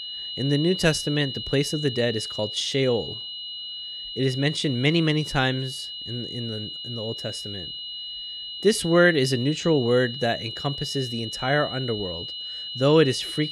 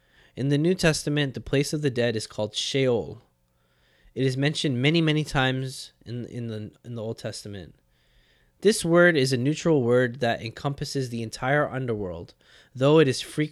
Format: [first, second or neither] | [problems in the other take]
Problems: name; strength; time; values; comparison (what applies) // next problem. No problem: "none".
second | high-pitched whine; loud; throughout; 3 kHz, 8 dB below the speech